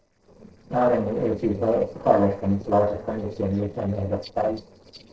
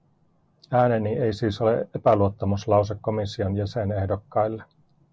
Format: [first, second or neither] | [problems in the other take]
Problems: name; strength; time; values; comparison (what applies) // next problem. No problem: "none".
second | noise reduction (neural separator model SepFormer DNS4)